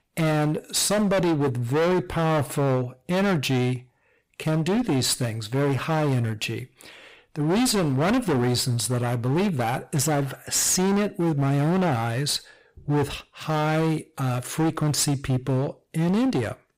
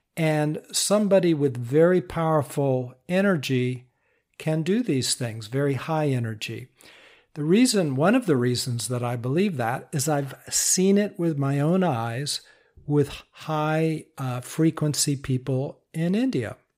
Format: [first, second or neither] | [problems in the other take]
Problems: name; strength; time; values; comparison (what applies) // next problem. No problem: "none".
second | distortion; heavy; 23% of the sound clipped